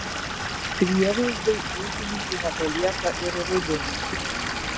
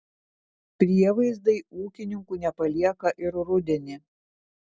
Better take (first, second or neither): second